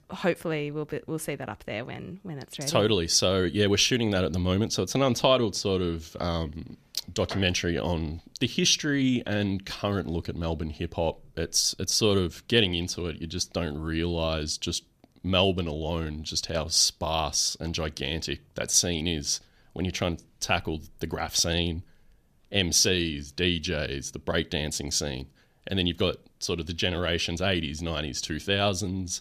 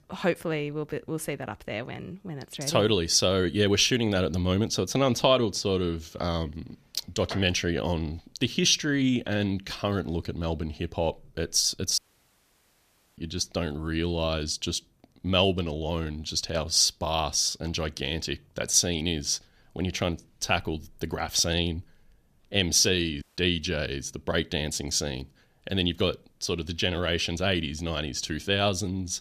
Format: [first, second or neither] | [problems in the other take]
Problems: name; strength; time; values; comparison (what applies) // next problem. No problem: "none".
first | audio cutting out; at 12 s for 1 s and at 23 s